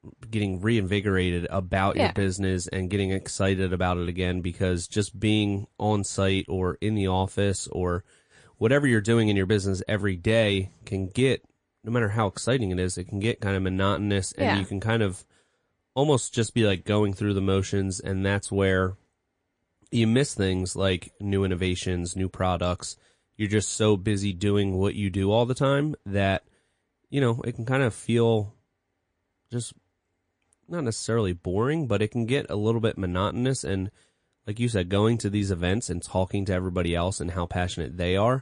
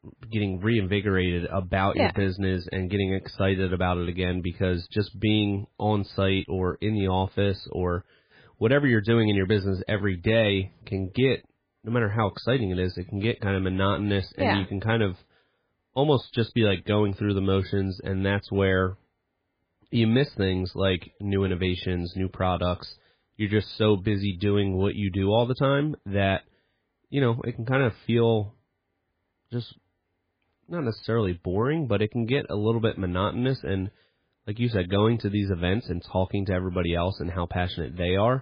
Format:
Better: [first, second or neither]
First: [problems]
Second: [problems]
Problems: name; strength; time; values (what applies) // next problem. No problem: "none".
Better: first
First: garbled, watery; slightly; nothing above 8.5 kHz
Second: garbled, watery; badly